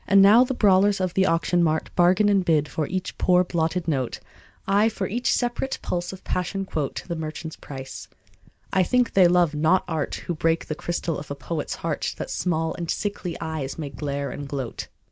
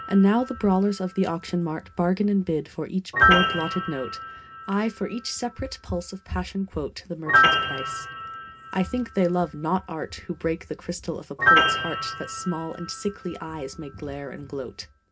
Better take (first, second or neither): first